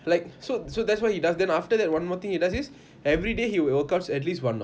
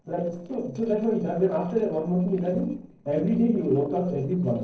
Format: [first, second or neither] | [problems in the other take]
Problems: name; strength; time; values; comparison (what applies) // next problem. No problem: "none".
first | noise reduction (neural separator model SepFormer DNS4)